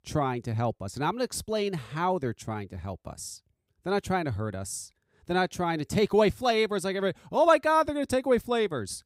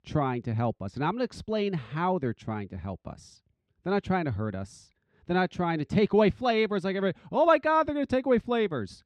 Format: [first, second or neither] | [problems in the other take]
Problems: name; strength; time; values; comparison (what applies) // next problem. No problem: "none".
first | muffled; very slightly; fading above 3 kHz